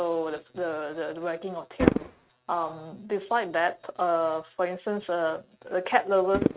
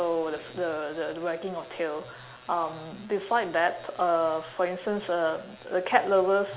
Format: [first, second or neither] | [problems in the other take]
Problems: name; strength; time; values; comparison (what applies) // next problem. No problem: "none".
second | noise reduction (neural mask model RNNoise)